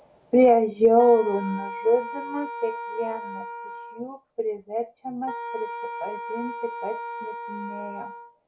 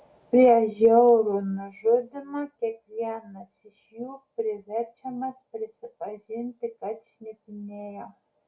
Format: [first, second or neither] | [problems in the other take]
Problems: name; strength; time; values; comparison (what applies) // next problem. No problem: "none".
second | background sound (Wind instrument, woodwind instrument); 11 dB below the speech